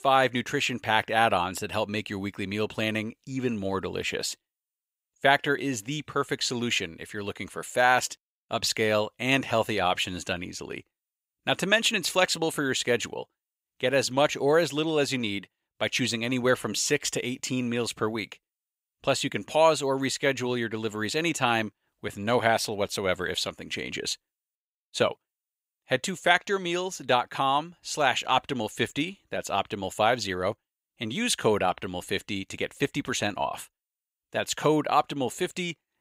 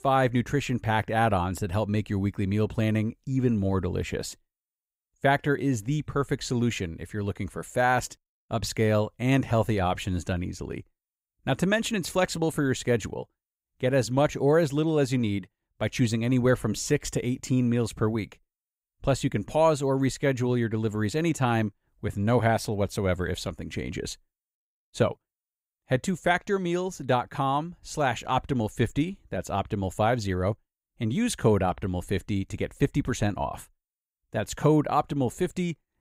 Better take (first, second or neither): second